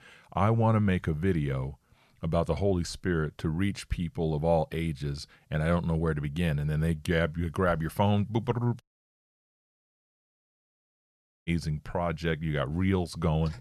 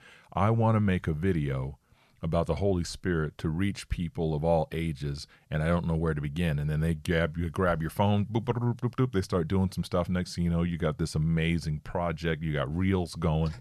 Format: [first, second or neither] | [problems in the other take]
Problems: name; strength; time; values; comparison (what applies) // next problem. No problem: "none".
second | audio cutting out; at 9 s for 2.5 s